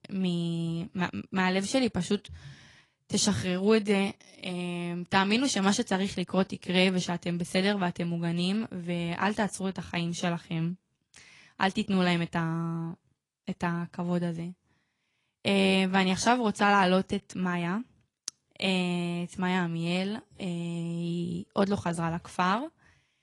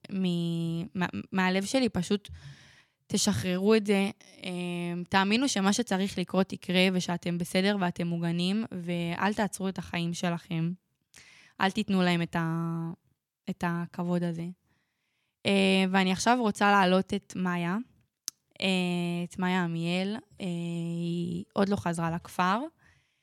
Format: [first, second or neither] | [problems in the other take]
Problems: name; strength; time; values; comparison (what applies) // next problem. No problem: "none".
second | garbled, watery; slightly; nothing above 10.5 kHz